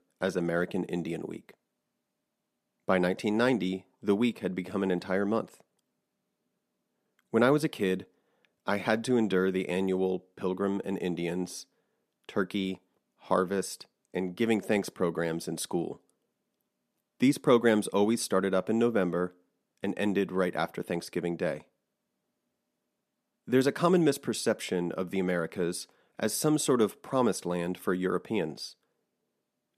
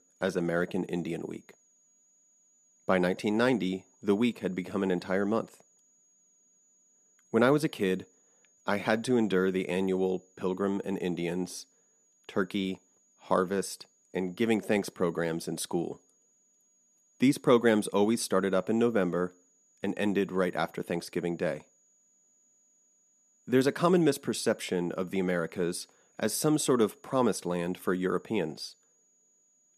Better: first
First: none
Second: high-pitched whine; faint; throughout; 7 kHz, 35 dB below the speech

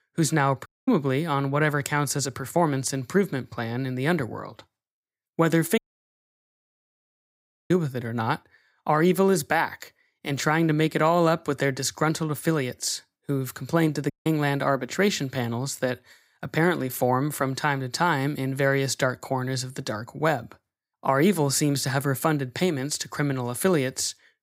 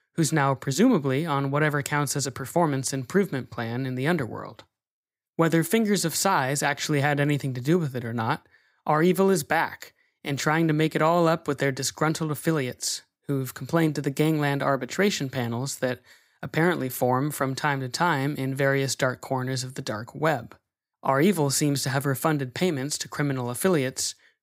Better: second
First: audio cutting out; at 0.5 s, at 6 s for 2 s and at 14 s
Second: none

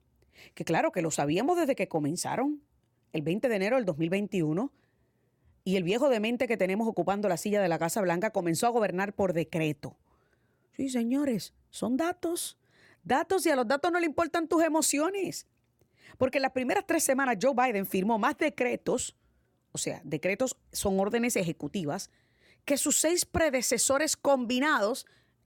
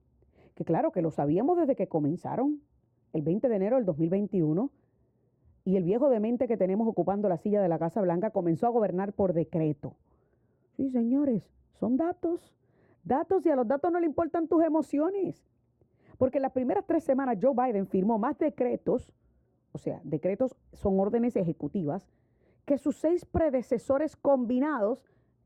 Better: first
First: none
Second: muffled; very; fading above 2 kHz

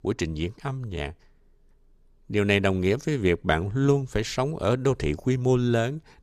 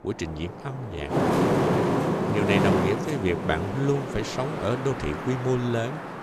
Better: first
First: none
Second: wind noise on the microphone; heavy; 2 dB above the speech

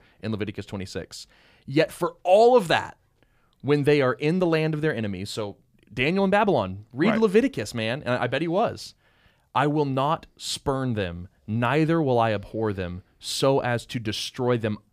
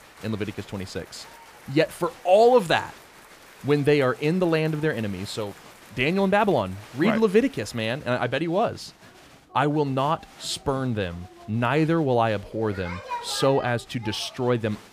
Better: first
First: none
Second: crowd noise; noticeable; throughout; 20 dB below the speech

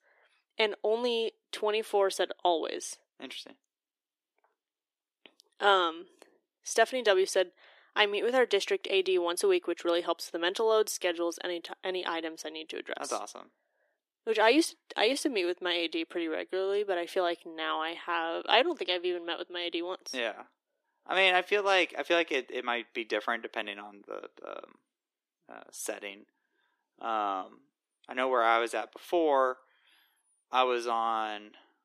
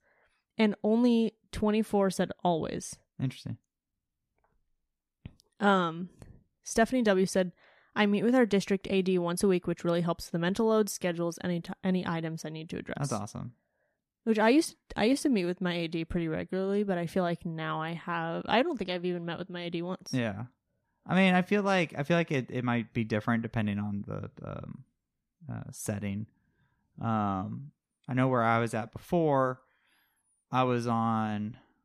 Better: second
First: thin; very; fading below 350 Hz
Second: none

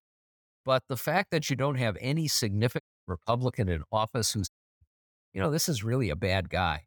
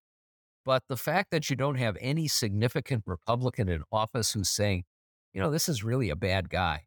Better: second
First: audio cutting out; at 3 s and at 4.5 s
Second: none

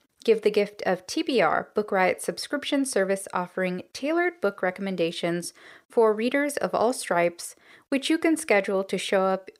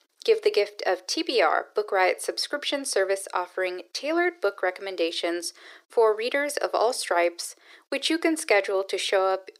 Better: first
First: none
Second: thin; somewhat; fading below 350 Hz

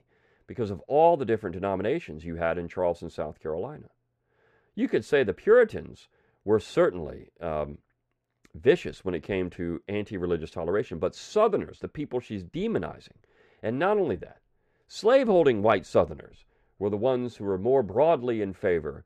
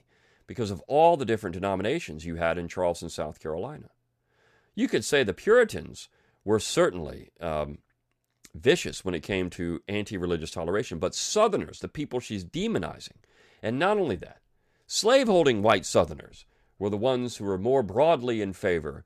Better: second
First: muffled; slightly; fading above 3.5 kHz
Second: none

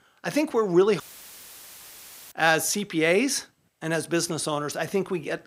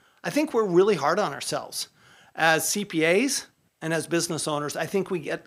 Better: second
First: audio cutting out; filled with static; at 1 s for 1.5 s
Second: none

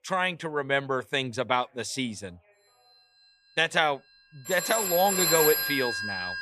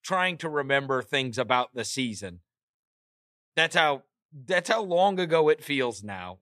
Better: second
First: alarms or sirens; very loud; throughout; 1 dB above the speech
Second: none

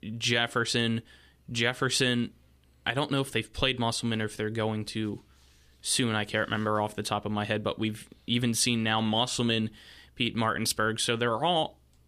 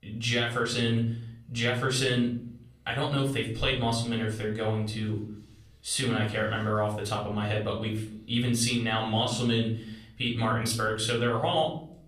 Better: first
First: none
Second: off-mic speech; far // room echo; slight; dies away in 0.6 s

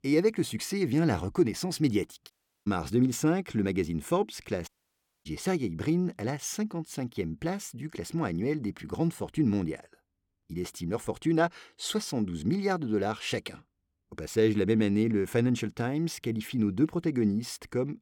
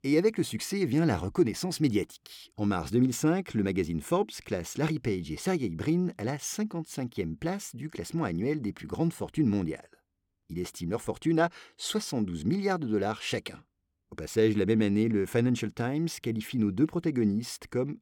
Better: second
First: audio cutting out; at 2.5 s and at 4.5 s for 0.5 s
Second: none

